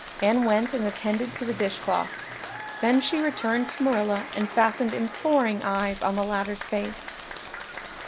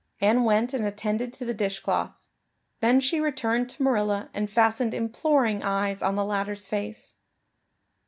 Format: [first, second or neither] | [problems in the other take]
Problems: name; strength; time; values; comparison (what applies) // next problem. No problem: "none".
second | background sound (Applause / Crowd); 12 dB below the speech